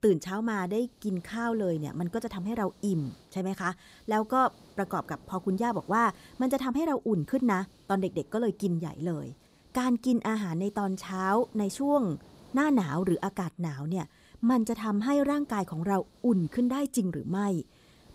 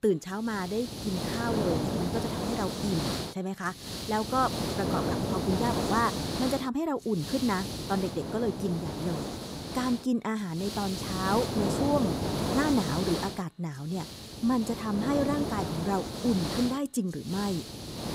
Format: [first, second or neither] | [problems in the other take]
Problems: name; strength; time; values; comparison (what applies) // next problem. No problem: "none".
first | hiss; loud; throughout; 2 dB below the speech; faint in the first